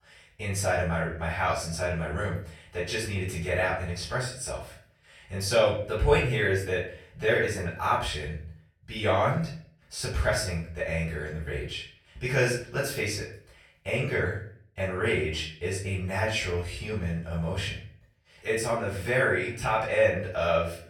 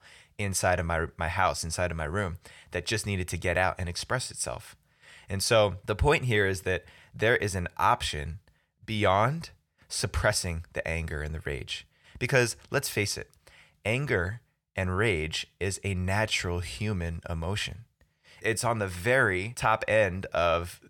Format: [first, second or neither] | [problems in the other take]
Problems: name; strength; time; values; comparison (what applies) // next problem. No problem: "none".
second | off-mic speech; far // room echo; noticeable; dies away in 0.4 s